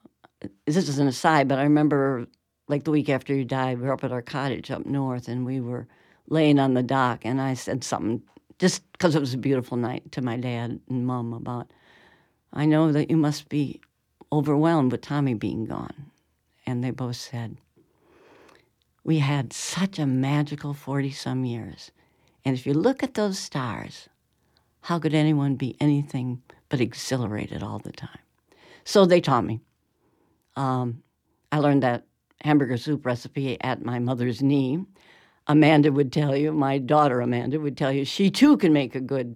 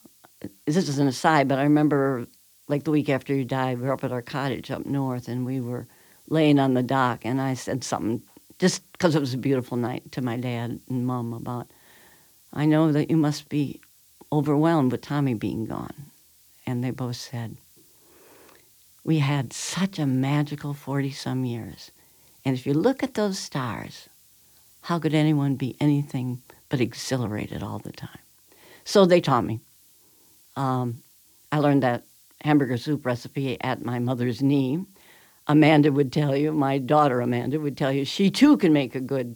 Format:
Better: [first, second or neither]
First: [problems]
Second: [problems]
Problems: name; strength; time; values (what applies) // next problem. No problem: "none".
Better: first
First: none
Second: hiss; faint; throughout; 30 dB below the speech